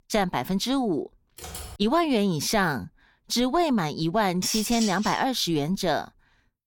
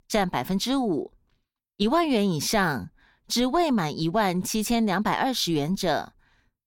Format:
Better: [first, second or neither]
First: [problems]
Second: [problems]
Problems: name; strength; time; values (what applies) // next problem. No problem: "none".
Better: second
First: keyboard typing; faint; at 1.5 s; peak 15 dB below the speech // clattering dishes; noticeable; at 4.5 s; peak 4 dB below the speech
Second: none